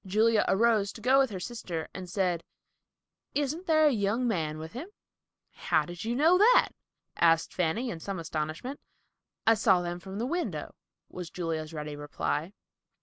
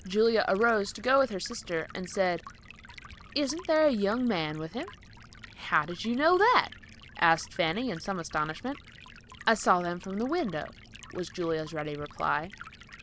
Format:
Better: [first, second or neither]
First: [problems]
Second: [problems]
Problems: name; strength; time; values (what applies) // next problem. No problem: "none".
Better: first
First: none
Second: background sound (Stream); 19 dB below the speech